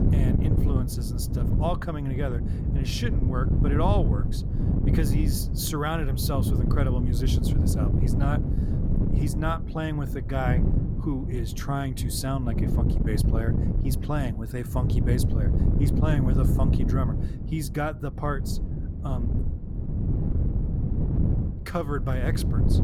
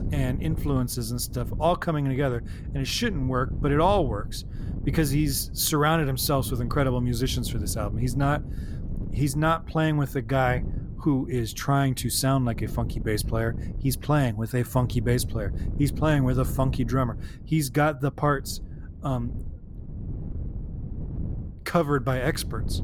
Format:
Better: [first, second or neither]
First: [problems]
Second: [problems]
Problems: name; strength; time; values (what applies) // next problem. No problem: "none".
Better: second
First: wind noise on the microphone; heavy; 4 dB below the speech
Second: wind noise on the microphone; occasional gusts; 20 dB below the speech